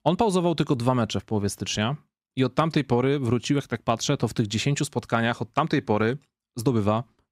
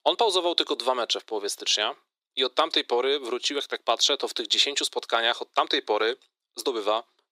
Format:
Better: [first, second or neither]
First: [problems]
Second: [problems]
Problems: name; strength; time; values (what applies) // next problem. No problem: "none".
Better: first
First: none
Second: thin; very; fading below 350 Hz